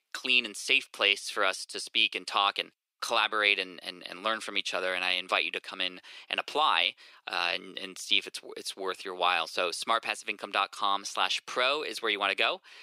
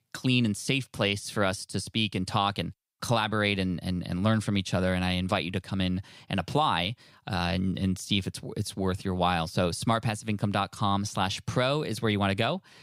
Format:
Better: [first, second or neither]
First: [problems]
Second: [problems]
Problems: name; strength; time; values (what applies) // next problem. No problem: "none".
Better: second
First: thin; very; fading below 350 Hz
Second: none